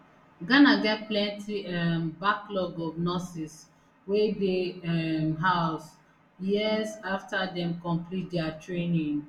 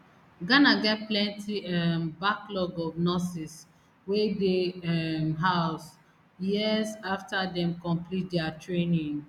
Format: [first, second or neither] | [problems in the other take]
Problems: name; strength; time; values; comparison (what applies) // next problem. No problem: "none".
second | room echo; dies away in 0.2 s